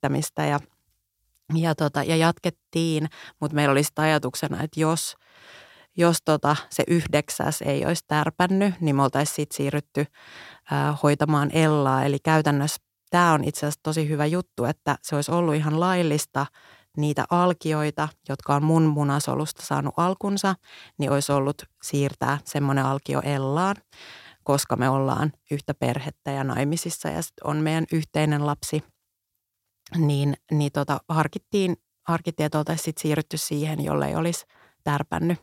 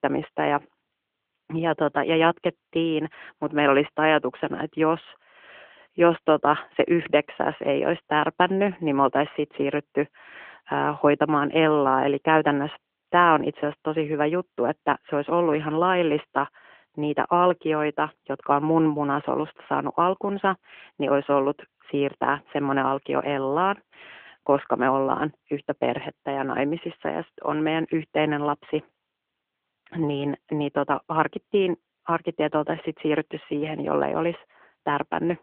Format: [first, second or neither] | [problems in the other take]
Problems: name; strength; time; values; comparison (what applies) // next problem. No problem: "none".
first | phone-call audio; nothing above 3 kHz